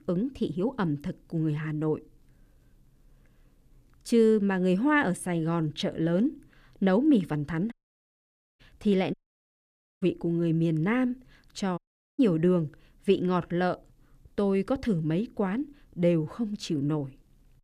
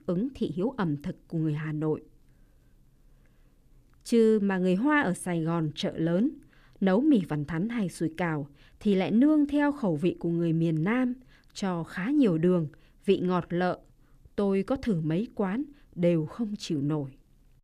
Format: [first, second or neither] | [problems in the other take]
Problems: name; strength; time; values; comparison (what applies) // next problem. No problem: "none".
second | audio cutting out; at 7.5 s for 1 s, at 9 s for 1 s and at 12 s